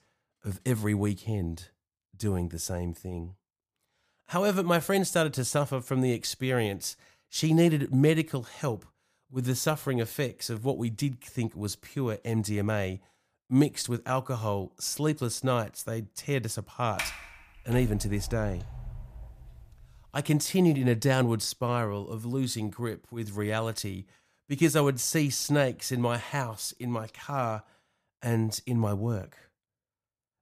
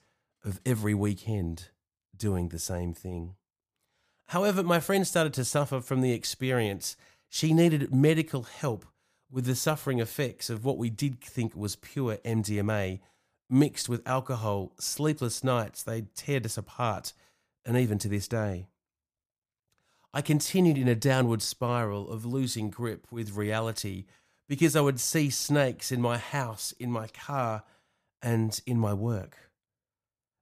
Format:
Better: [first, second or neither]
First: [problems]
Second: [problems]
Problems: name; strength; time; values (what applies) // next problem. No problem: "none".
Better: second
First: door banging; noticeable; from 17 to 20 s; peak 5 dB below the speech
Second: none